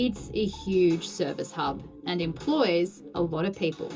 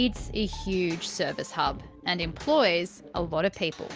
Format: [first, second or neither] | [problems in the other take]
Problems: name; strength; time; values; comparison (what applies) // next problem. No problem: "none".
second | room echo; dies away in 0.2 s